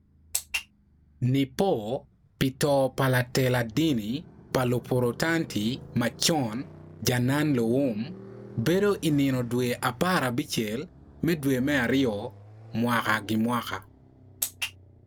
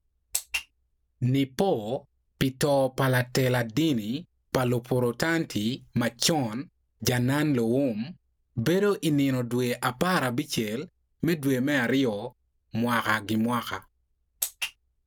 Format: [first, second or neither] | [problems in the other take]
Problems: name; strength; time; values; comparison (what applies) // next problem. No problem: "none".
second | background sound (Motorcycle); 20 dB below the speech